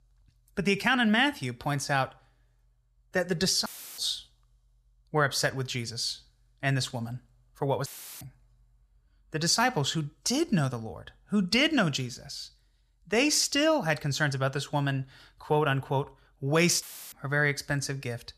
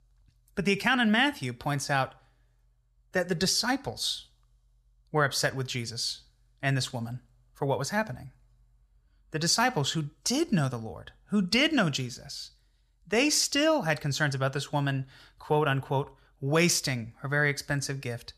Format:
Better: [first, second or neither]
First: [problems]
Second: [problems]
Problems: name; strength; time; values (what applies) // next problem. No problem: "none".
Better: second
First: audio cutting out; filled with static; at 3.5 s, at 8 s and at 17 s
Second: none